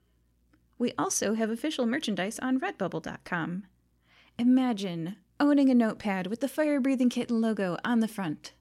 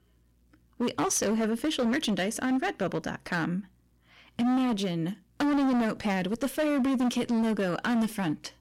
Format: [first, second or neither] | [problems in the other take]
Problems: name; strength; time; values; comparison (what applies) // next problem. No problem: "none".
first | distortion; heavy; 18% of the sound clipped